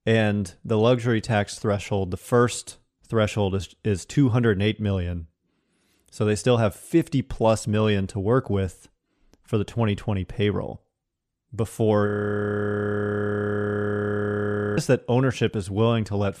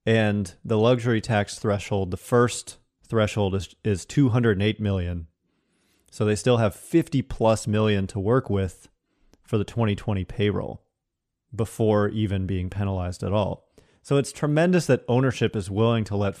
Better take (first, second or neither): second